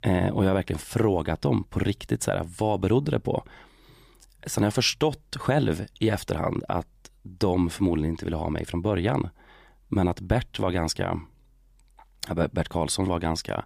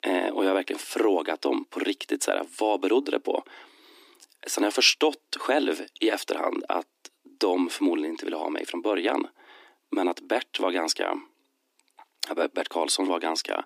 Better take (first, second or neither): first